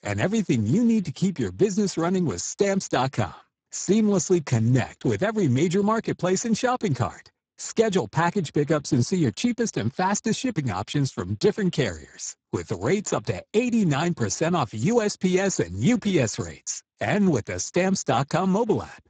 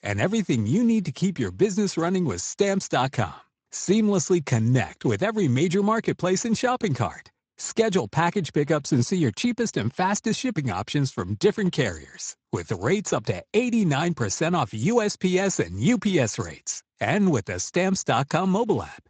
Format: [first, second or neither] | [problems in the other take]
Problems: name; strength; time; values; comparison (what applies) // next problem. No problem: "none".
second | garbled, watery; badly; nothing above 7.5 kHz; slightly in the second